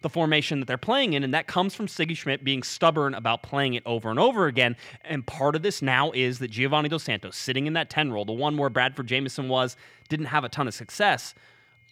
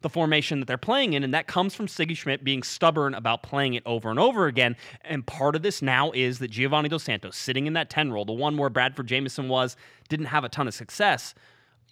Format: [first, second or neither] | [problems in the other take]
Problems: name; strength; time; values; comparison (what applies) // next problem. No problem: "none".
second | high-pitched whine; faint; throughout; 2 kHz, 35 dB below the speech